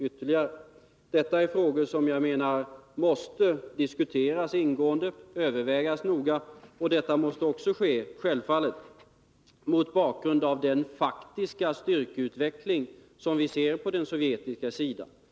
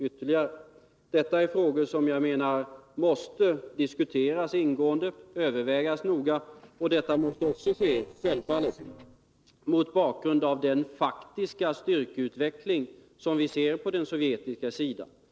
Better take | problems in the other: first | noise reduction (neural separator model SepFormer DNS4)

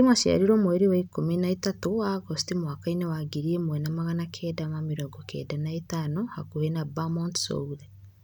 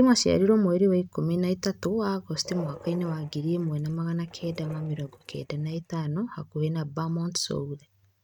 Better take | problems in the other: first | noise reduction (neural mask model RNNoise)

